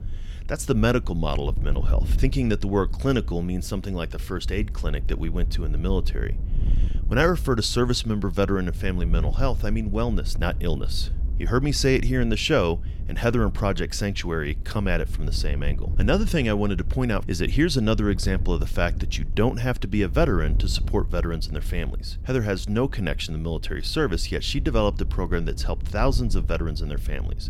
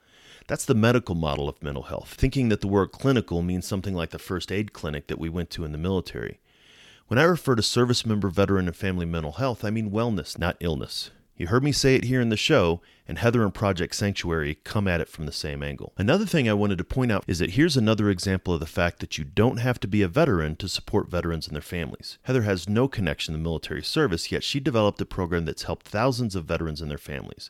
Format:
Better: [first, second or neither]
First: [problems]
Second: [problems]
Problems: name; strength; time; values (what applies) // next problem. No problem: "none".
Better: second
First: wind noise on the microphone; occasional gusts; 20 dB below the speech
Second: none